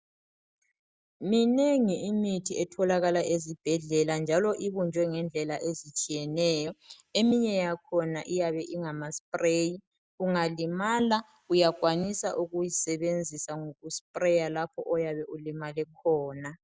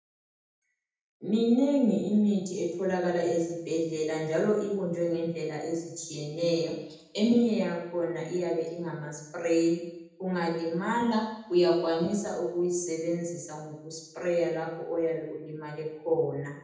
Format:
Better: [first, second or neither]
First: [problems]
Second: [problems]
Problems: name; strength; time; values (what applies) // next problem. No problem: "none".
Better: first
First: none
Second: room echo; dies away in 0.8 s